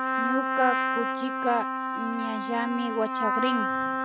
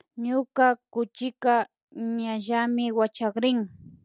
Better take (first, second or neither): second